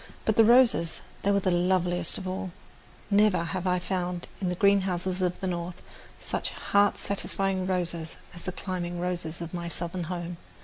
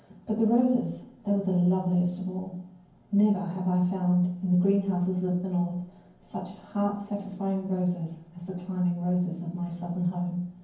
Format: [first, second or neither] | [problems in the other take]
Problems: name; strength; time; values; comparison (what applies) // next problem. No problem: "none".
first | room echo; dies away in 0.9 s